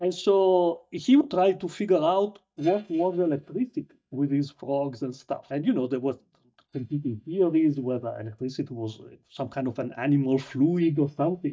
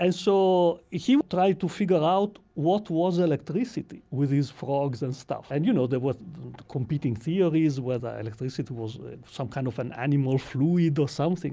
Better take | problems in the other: second | noise reduction (neural mask model DeepFilterNet 3)

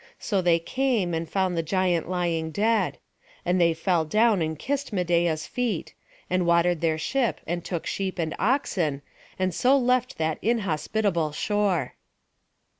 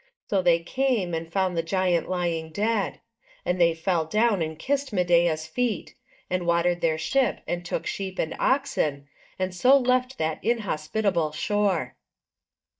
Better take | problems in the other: first | noise reduction (neural mask model DeepFilterNet 3)

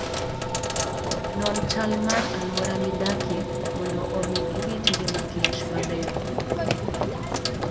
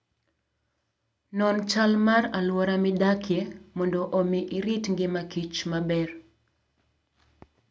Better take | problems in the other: second | background sound (Sink (filling or washing) + Run / Train); 4 dB above the speech

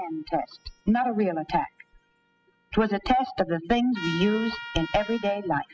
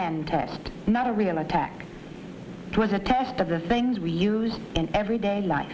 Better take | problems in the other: second | noise reduction (classical method spectral subtraction)

